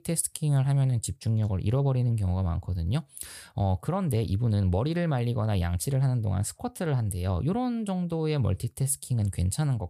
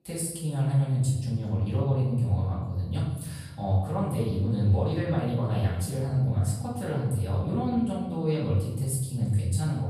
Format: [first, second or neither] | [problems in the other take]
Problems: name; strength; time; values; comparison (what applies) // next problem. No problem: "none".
first | off-mic speech; far // room echo; noticeable; dies away in 1 s